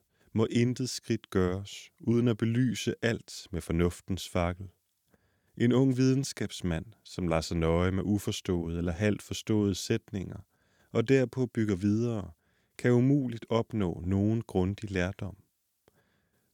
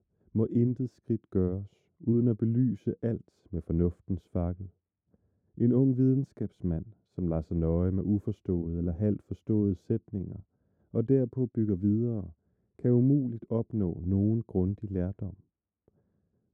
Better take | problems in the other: first | muffled; very; fading above 1 kHz

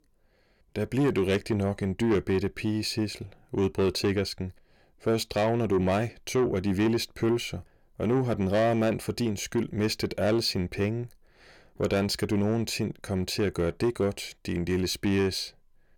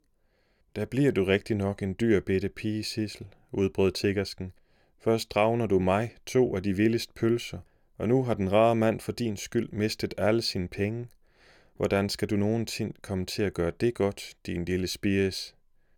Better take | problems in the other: second | distortion; slight; 10 dB below the speech

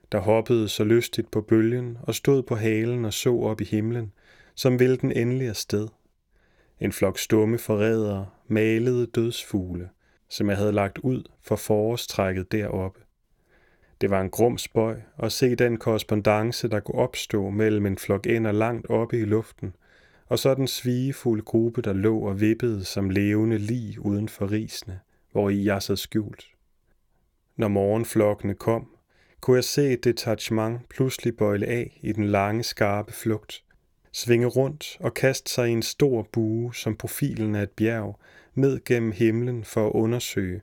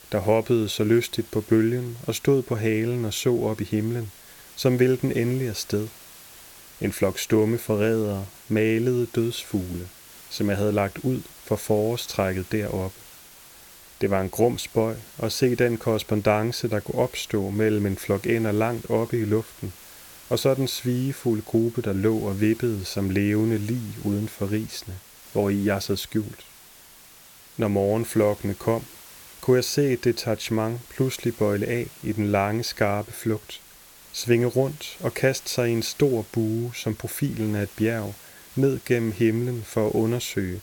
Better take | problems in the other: first | hiss; noticeable; throughout; 20 dB below the speech

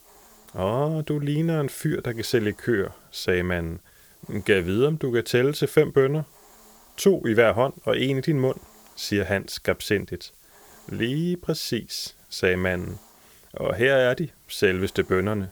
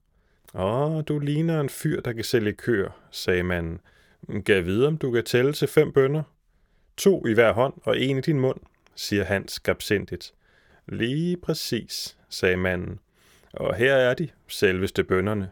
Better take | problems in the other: second | hiss; faint; throughout; 25 dB below the speech

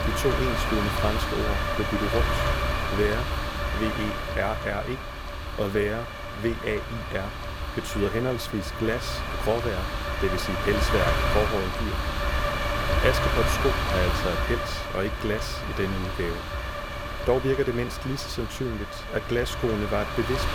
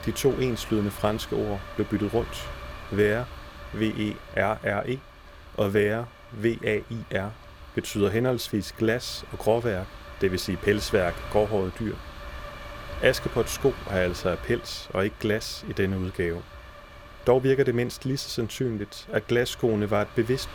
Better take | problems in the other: second | wind noise on the microphone; heavy; 1 dB above the speech; occasional gusts in the second

